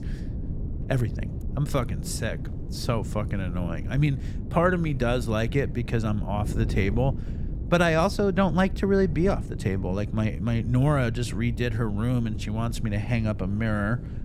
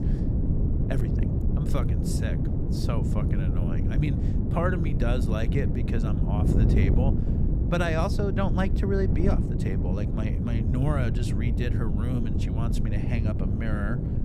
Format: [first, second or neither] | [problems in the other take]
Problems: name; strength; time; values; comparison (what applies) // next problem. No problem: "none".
first | wind noise on the microphone; heavy; 3 dB below the speech; occasional gusts in the first